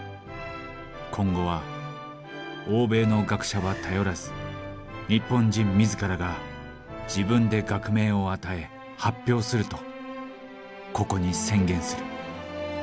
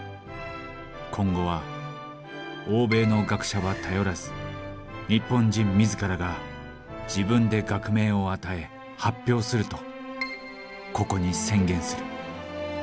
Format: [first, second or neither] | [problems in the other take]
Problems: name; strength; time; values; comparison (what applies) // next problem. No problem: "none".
first | background sound (Keyboard (musical)); 15 dB below the speech